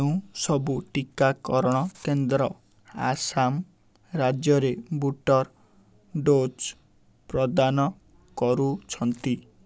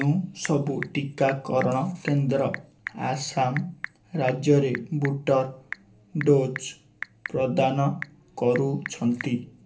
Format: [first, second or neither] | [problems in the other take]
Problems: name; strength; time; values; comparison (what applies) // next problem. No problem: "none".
first | background sound (Telephone / Typing); 15 dB below the speech // room echo; dies away in 0.3 s